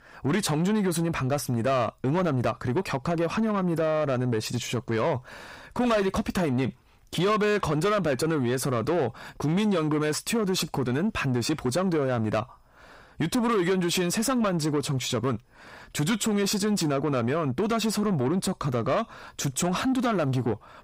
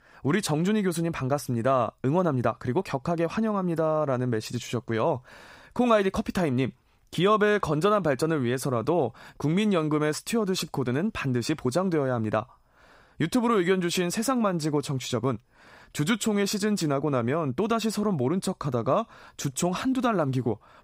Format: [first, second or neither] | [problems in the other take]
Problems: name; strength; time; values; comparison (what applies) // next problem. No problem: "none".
second | distortion; slight; 10 dB below the speech